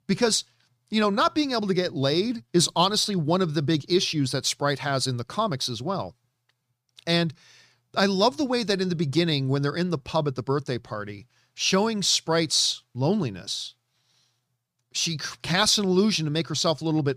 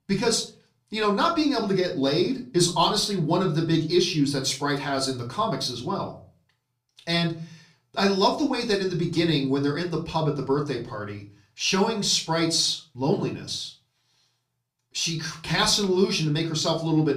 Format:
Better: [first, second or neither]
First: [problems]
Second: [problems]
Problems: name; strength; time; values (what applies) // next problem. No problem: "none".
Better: first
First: none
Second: off-mic speech; somewhat distant // room echo; very slight; dies away in 0.3 s